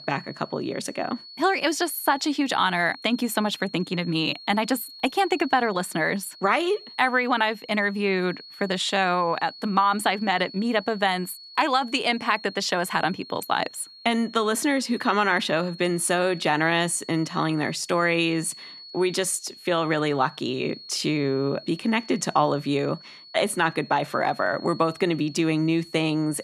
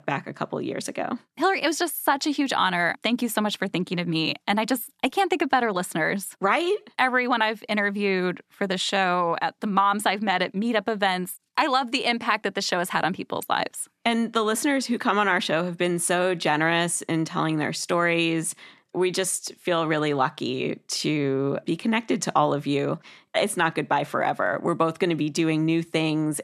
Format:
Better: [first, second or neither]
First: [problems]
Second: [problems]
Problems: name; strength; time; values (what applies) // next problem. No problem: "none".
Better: second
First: high-pitched whine; noticeable; throughout; 4.5 kHz, 20 dB below the speech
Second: none